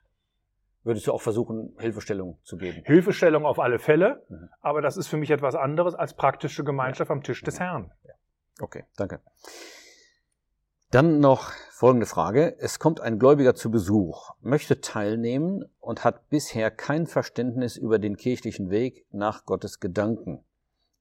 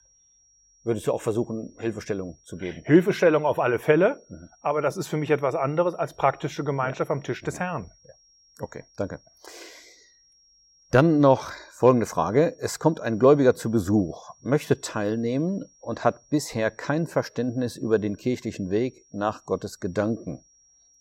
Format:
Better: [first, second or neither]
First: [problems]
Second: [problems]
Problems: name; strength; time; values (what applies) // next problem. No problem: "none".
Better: first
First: none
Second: high-pitched whine; faint; throughout; 5.5 kHz, 30 dB below the speech